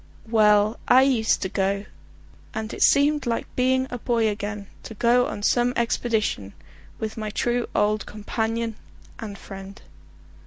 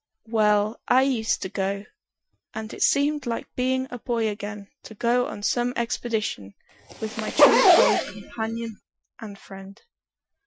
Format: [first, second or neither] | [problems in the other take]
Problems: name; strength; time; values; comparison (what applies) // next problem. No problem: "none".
first | noise reduction (classical method Wiener filter)